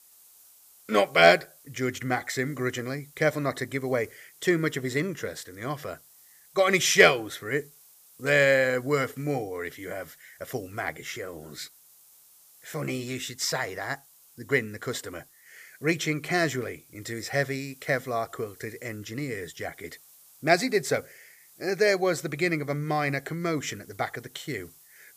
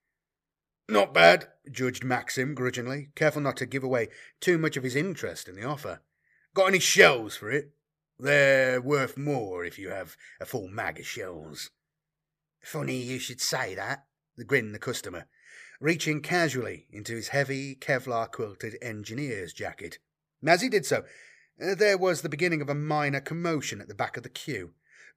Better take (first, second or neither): second